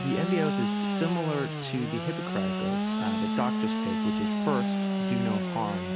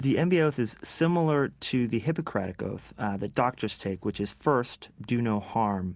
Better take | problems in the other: second | background sound (Sawing / Engine); 3 dB above the speech

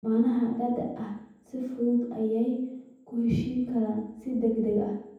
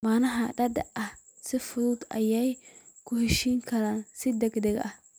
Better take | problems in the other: second | room echo; dies away in 0.9 s

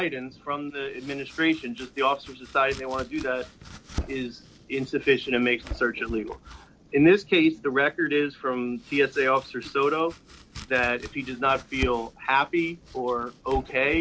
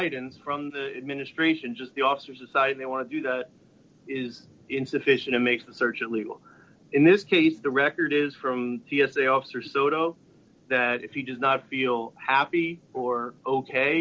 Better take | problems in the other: second | background sound (Domestic sounds, home sounds); 16 dB below the speech

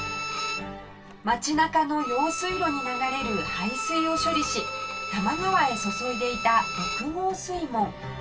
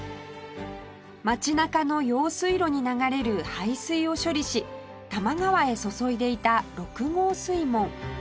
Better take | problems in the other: second | background sound (Bowed string instrument); 5 dB below the speech // room echo; dies away in 0.2 s

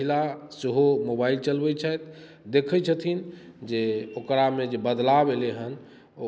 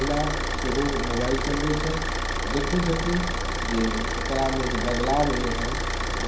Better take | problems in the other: first | background sound (Idling / Car); 1 dB above the speech // room echo; dies away in 0.6 s

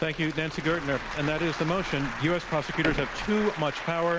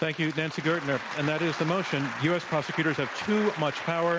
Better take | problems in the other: second | background sound (Sliding door); 13 dB below the speech

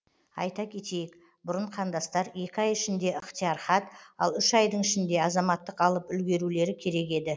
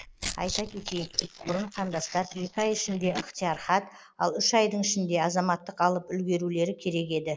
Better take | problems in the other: first | noise reduction (neural mask model Resemble Enhance denoiser)

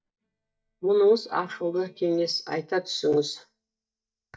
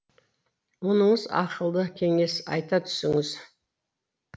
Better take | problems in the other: second | noise reduction (neural mask model DeepFilterNet 3)

